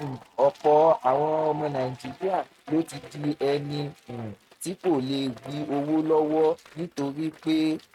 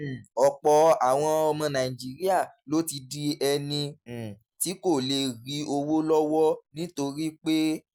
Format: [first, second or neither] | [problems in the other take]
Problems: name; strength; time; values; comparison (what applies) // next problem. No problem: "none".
second | noise reduction (neural mask model RNNoise)